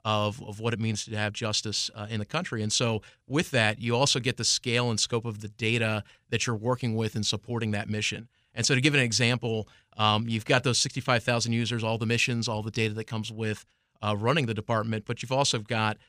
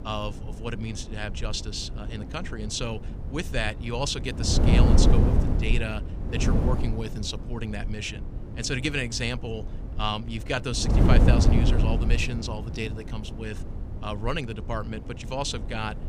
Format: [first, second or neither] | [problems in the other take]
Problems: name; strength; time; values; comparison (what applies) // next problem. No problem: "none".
first | wind noise on the microphone; heavy; 3 dB below the speech